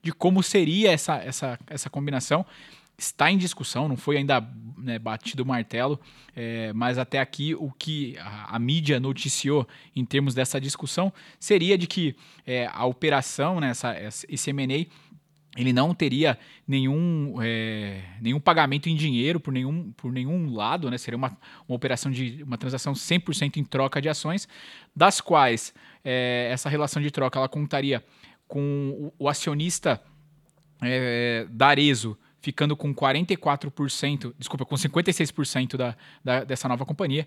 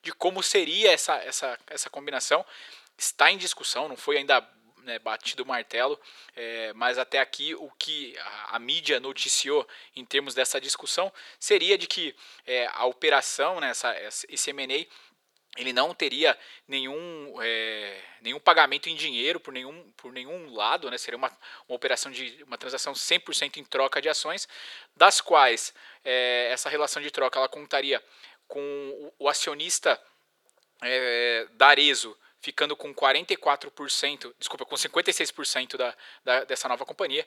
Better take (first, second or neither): first